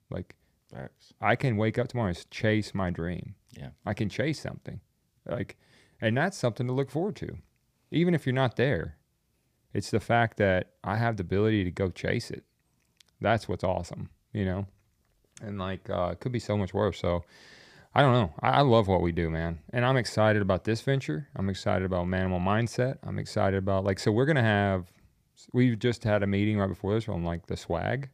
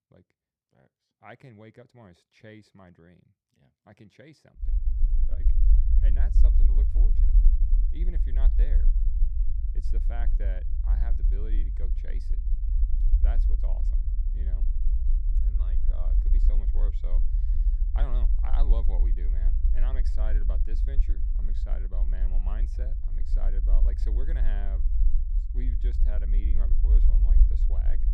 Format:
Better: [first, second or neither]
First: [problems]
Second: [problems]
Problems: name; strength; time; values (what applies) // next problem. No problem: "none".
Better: first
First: none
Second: low rumble; loud; from 4.5 s on; 3 dB below the speech